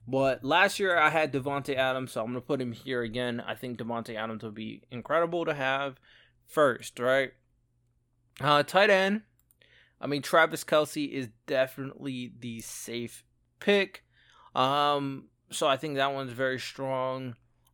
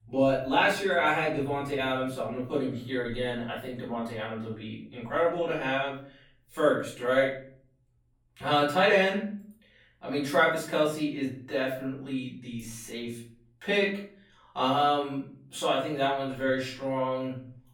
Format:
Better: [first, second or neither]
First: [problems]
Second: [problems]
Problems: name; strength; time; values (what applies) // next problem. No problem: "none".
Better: first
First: none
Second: room echo; noticeable; dies away in 0.5 s // off-mic speech; far